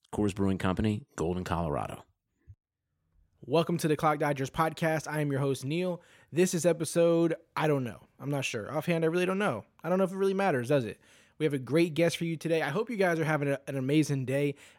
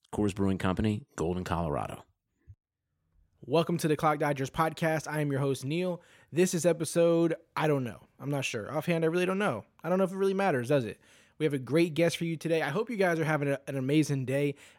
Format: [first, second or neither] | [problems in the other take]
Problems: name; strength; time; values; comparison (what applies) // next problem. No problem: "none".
neither | none